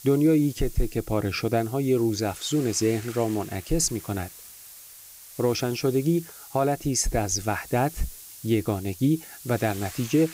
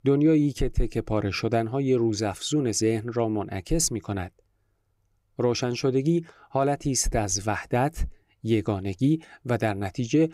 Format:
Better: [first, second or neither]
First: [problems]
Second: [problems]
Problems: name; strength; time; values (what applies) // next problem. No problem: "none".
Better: second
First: hiss; noticeable; throughout; 15 dB below the speech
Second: none